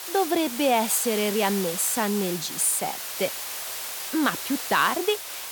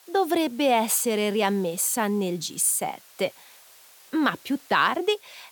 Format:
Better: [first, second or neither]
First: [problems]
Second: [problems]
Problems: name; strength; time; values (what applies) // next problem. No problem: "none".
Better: second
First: hiss; loud; throughout; 6 dB below the speech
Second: hiss; faint; throughout; 25 dB below the speech